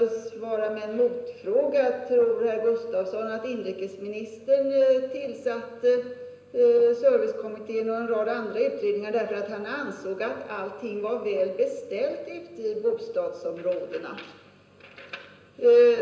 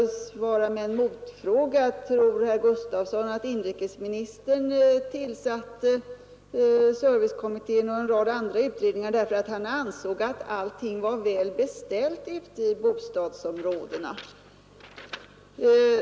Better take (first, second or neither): second